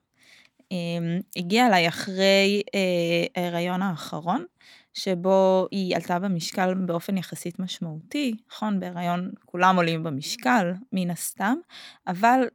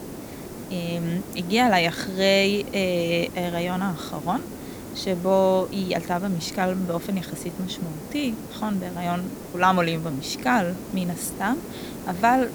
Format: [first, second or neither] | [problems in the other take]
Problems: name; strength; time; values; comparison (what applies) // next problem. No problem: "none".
first | hiss; noticeable; throughout; 10 dB below the speech